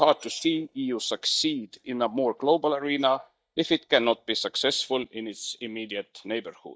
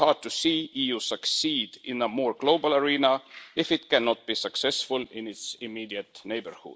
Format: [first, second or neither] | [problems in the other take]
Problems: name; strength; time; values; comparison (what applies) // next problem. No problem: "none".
second | noise reduction (neural mask model DeepFilterNet 3)